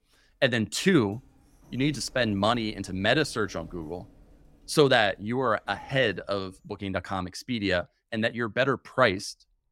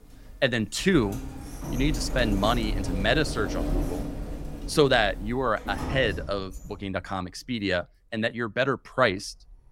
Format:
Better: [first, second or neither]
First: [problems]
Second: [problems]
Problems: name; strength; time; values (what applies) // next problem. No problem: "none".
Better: first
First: household noises; faint; throughout; 30 dB below the speech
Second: household noises; loud; throughout; 8 dB below the speech